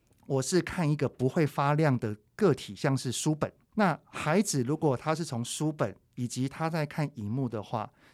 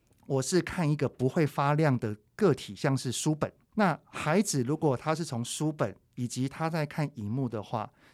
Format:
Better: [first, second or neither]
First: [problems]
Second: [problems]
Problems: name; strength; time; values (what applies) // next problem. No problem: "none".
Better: neither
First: none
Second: none